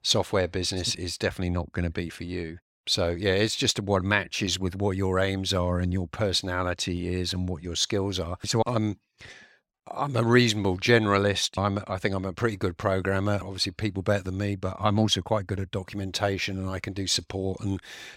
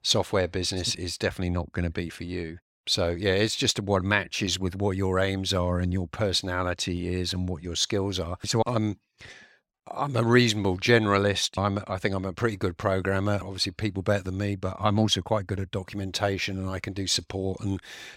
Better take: neither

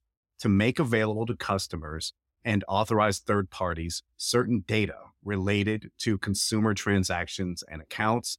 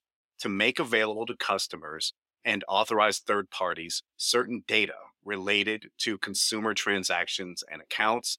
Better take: first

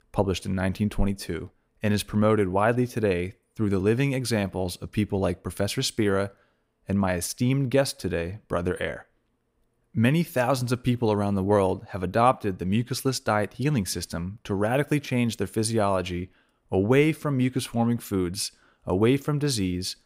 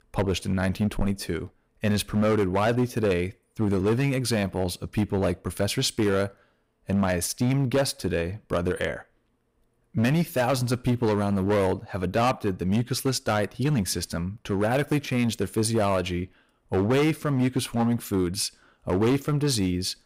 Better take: first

